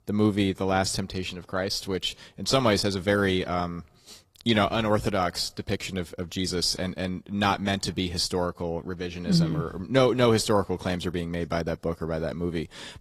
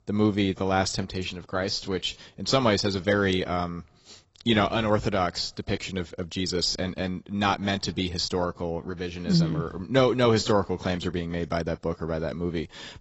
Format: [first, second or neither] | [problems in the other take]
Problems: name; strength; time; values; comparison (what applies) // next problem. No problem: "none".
first | garbled, watery; badly; nothing above 8 kHz; slightly in the first